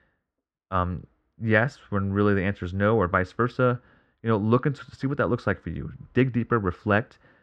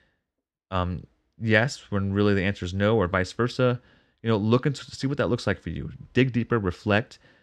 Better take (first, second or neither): second